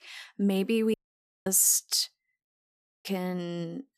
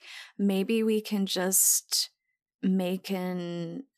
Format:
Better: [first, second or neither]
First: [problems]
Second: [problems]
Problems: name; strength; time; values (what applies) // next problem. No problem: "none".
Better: second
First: audio cutting out; at 1 s for 0.5 s and at 2.5 s for 0.5 s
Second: none